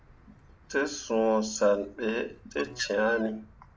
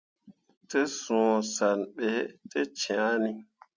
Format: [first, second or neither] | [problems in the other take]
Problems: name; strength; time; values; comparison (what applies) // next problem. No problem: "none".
second | background sound (Bird); 19 dB below the speech // room echo; dies away in 0.4 s